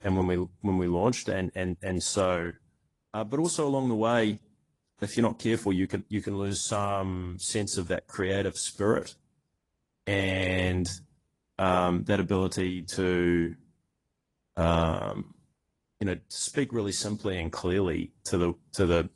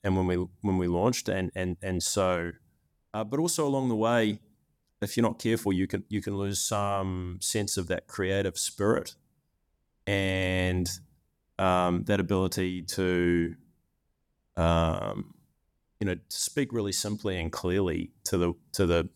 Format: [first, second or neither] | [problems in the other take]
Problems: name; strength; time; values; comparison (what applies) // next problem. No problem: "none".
second | garbled, watery; slightly; nothing above 10 kHz